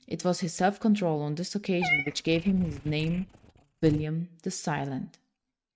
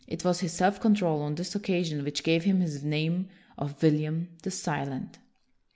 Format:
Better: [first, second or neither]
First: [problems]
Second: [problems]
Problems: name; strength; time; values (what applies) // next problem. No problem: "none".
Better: second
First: noise reduction (neural mask model RNNoise)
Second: none